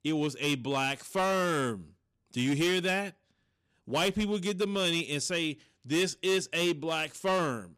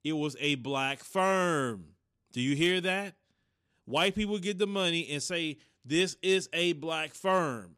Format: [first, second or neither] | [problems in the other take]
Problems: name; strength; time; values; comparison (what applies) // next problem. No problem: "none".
second | distortion; slight; 9% of the sound clipped